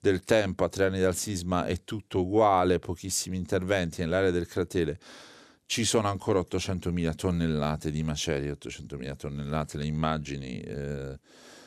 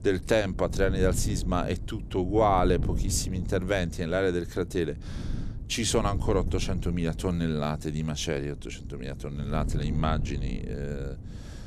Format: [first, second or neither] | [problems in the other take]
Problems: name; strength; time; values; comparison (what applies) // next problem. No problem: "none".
first | wind noise on the microphone; occasional gusts; 15 dB below the speech